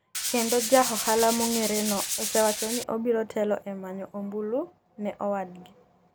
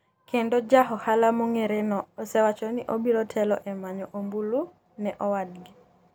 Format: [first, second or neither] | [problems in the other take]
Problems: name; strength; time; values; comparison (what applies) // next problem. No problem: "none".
second | background sound (Tools); 3 dB below the speech